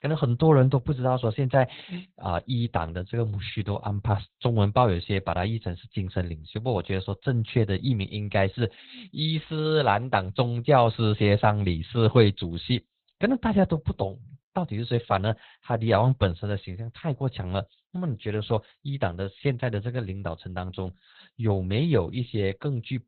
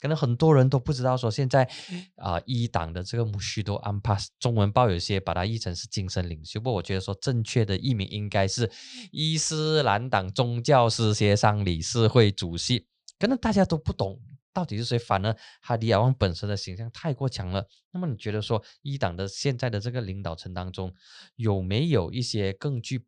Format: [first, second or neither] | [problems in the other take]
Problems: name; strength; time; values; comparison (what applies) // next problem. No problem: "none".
second | garbled, watery; badly; nothing above 4 kHz